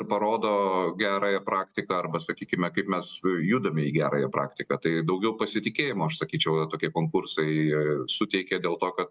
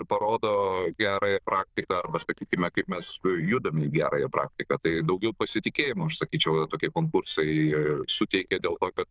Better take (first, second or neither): first